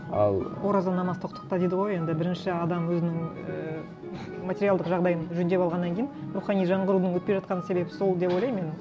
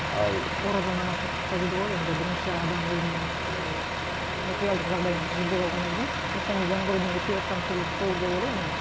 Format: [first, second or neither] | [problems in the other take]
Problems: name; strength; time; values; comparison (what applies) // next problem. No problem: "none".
first | background sound (Truck); as loud as the speech